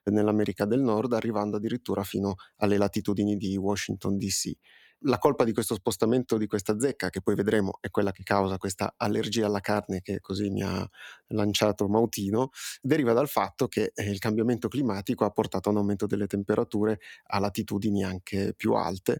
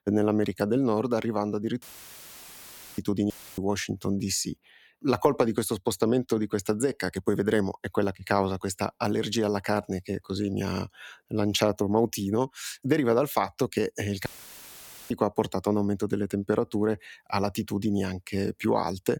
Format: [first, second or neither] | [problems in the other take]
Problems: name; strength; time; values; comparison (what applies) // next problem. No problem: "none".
first | audio cutting out; filled with static; at 2 s for 1 s, at 3.5 s and at 14 s for 1 s